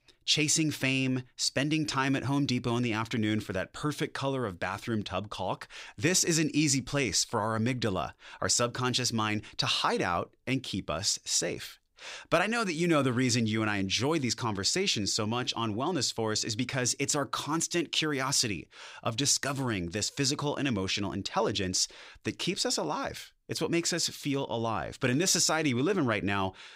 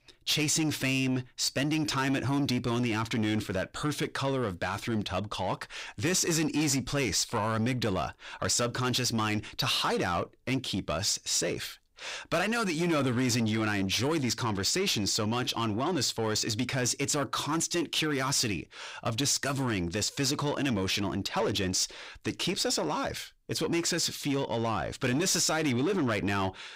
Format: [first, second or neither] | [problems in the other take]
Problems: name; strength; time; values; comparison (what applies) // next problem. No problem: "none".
first | distortion; slight; 10 dB below the speech